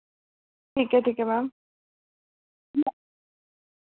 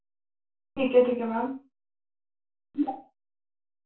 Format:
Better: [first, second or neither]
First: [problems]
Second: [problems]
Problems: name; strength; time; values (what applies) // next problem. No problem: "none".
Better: first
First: none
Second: room echo; dies away in 0.3 s